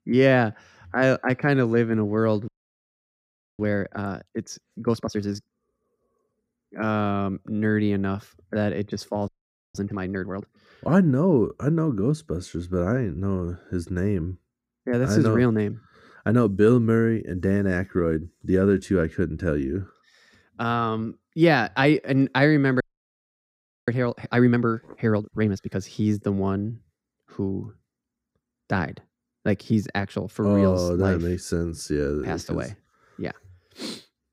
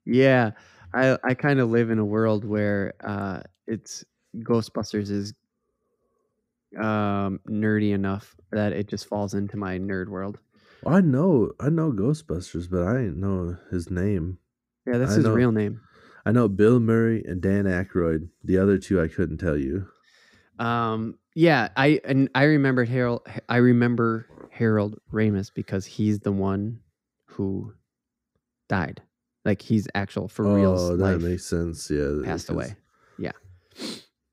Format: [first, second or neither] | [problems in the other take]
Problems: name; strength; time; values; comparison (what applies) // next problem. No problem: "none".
second | audio freezing; at 2.5 s for 1 s, at 9.5 s and at 23 s for 1 s